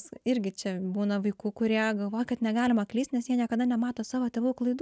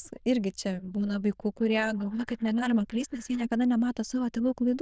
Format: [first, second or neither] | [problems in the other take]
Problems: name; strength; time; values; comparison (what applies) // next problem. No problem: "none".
first | noise reduction (neural diffusion model UNIVERSE++)